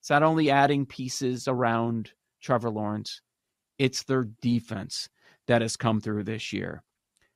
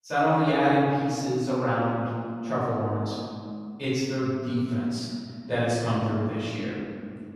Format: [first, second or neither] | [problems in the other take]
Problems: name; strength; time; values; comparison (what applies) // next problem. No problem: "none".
first | room echo; strong; dies away in 2.2 s // off-mic speech; far